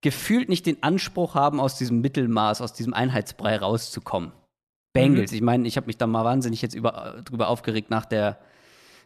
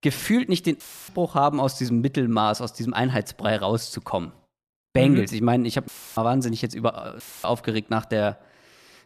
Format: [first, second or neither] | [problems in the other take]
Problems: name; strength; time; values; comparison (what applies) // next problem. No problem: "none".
first | audio cutting out; filled with static; at 1 s, at 6 s and at 7 s